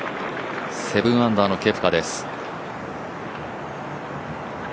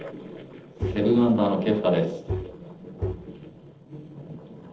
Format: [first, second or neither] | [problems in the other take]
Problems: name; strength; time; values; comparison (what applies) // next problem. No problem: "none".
first | noise reduction (neural separator model SepFormer DNS4)